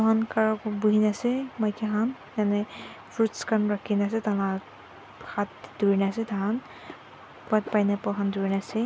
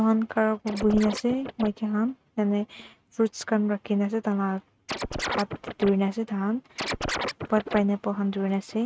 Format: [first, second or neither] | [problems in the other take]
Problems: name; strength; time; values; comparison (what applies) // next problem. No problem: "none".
first | noise reduction (neural mask model RNNoise)